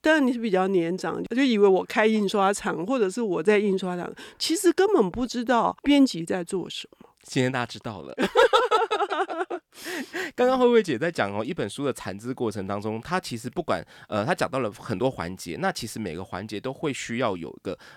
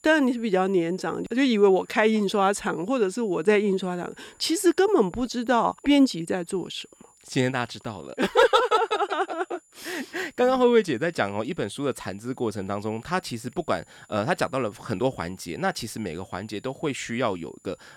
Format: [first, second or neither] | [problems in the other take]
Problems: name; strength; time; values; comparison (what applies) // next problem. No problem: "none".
first | high-pitched whine; faint; throughout; 7 kHz, 30 dB below the speech